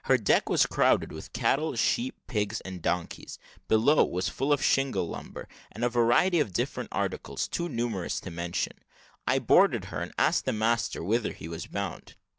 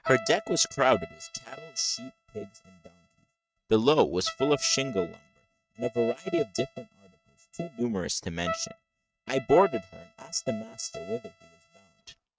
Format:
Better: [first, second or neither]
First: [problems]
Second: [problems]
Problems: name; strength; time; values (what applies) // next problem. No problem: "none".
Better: first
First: none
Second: noise reduction (neural mask model RNNoise)